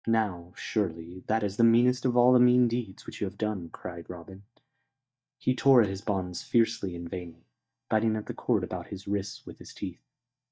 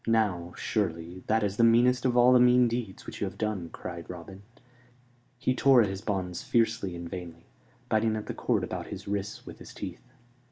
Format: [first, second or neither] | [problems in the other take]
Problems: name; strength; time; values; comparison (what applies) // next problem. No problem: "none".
second | noise reduction (neural mask model DeepFilterNet 3)